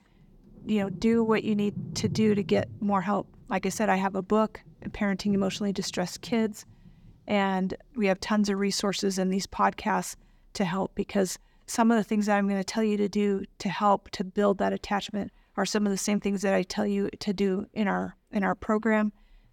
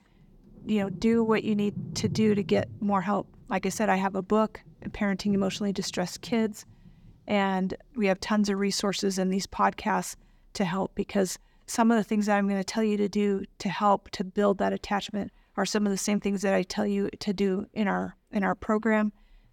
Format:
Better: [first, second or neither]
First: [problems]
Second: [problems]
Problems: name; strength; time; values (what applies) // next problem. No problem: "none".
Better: neither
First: rain or running water; noticeable; throughout; 15 dB below the speech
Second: rain or running water; noticeable; throughout; 15 dB below the speech